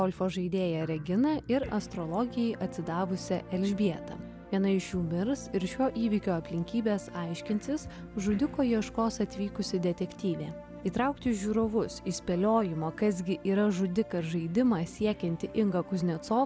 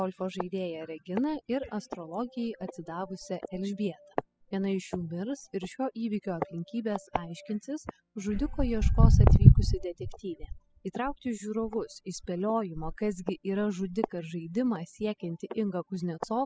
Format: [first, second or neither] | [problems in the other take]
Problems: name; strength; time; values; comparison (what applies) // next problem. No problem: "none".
first | noise reduction (classical method spectral subtraction)